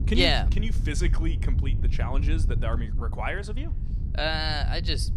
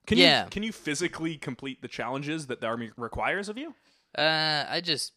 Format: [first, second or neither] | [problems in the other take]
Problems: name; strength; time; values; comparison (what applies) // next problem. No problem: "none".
second | wind noise on the microphone; occasional gusts; 15 dB below the speech